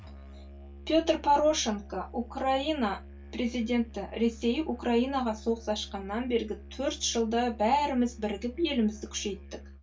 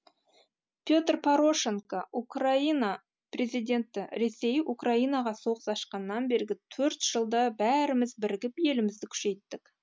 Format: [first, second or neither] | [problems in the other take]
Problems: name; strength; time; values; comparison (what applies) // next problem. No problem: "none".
second | background sound (Musical instrument); 16 dB below the speech // room echo; dies away in 0.2 s